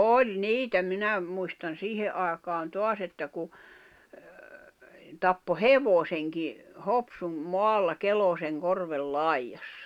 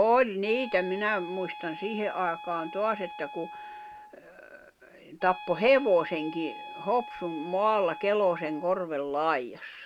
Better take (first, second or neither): first